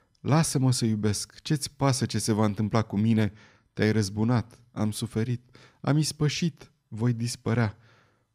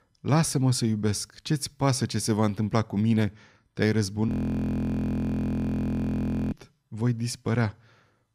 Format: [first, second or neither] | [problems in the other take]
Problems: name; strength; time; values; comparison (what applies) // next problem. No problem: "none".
first | audio freezing; at 4.5 s for 2 s